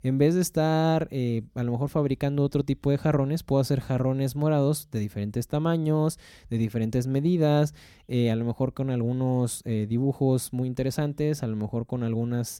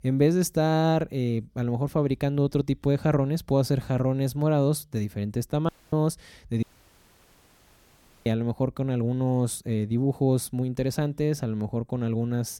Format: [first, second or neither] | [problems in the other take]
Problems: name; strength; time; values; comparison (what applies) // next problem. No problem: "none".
first | audio cutting out; at 5.5 s and at 6.5 s for 1.5 s